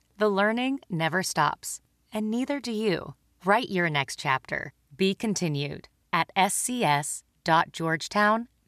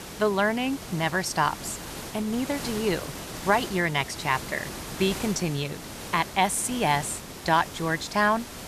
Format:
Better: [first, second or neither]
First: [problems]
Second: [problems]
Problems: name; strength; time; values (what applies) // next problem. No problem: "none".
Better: first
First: none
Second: hiss; noticeable; throughout; 10 dB below the speech